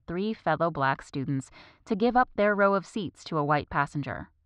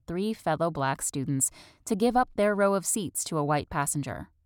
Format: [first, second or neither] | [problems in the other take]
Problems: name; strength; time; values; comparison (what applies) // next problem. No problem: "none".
second | muffled; very; fading above 4.5 kHz